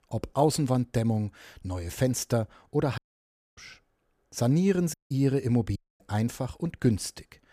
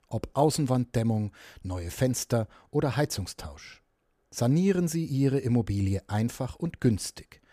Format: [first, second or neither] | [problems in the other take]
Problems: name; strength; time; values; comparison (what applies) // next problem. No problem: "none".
second | audio cutting out; at 3 s for 0.5 s, at 5 s and at 6 s